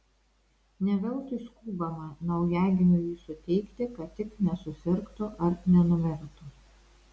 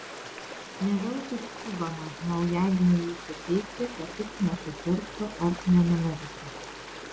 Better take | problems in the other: first | background sound (Stream); 12 dB below the speech

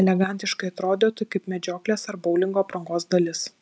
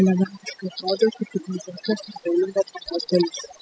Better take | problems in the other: first | noise reduction (classical method spectral subtraction)

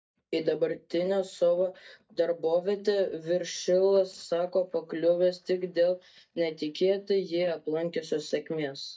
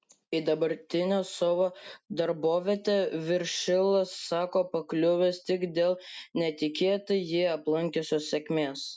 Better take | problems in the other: second | noise reduction (neural mask model DeepFilterNet 3)

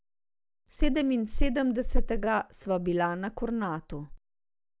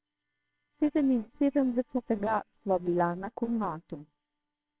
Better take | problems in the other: first | noise reduction (neural separator model SepFormer WHAMR!)

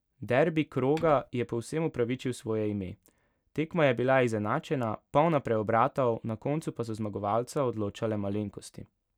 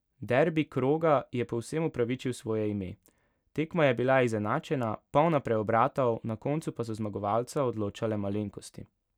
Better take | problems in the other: second | background sound (Typing); 18 dB below the speech

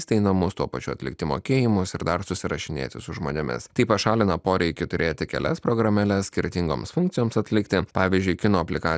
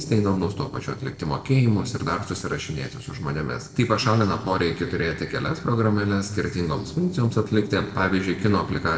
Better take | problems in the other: first | noise reduction (neural separator model SepFormer DNS4)

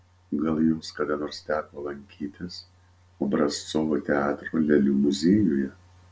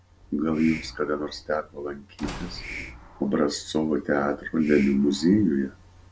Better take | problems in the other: first | background sound (Slam / Wood + Hiss); 16 dB below the speech

